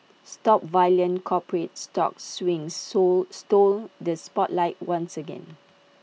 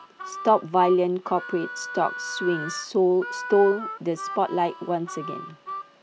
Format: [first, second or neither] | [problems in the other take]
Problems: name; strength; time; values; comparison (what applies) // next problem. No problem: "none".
first | background sound (Harmonica); 11 dB below the speech